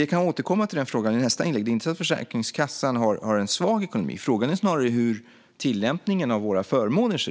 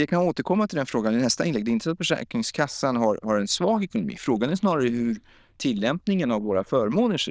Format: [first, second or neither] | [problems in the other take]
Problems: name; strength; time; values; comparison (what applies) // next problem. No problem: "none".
first | noise reduction (neural diffusion model UNIVERSE++)